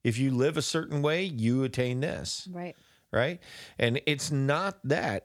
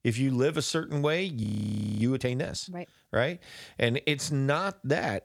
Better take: first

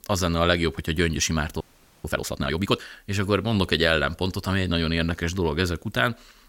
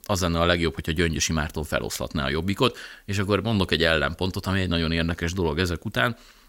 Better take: second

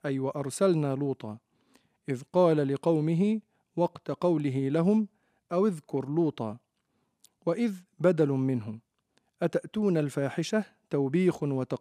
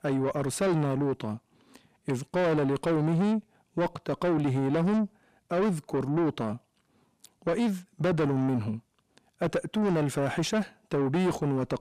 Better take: first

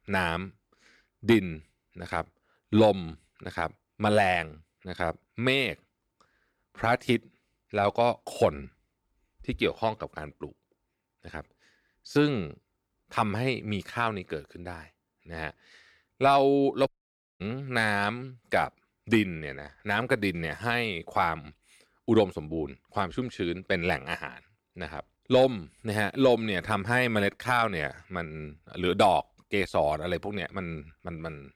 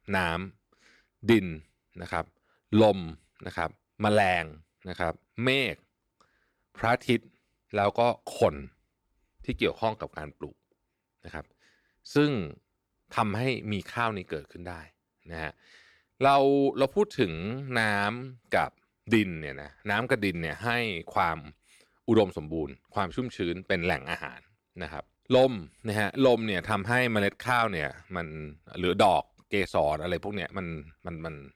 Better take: second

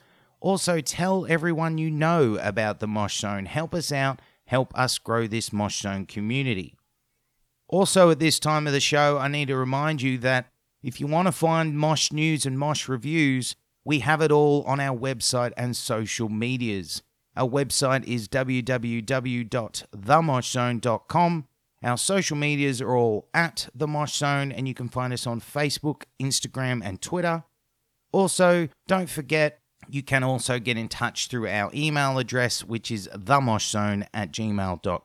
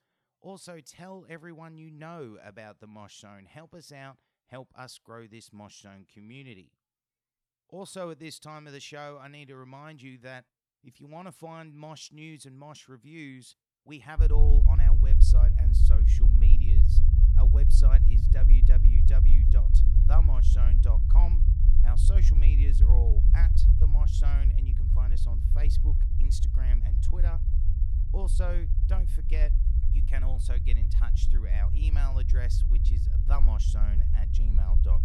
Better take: first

